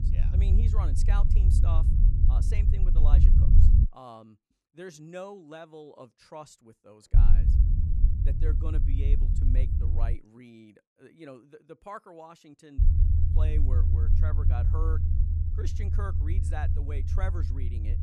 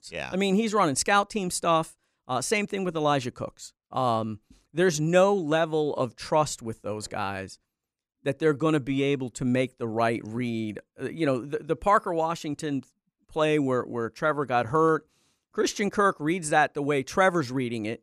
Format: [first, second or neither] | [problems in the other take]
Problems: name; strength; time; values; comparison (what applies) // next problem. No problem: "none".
second | low rumble; loud; until 4 s, from 7 to 10 s and from 13 s on; as loud as the speech